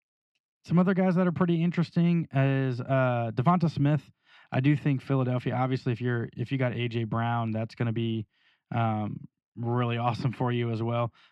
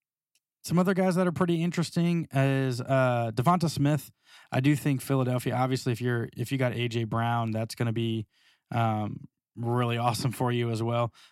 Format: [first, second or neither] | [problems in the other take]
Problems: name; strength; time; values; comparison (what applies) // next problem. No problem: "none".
second | muffled; slightly; fading above 2.5 kHz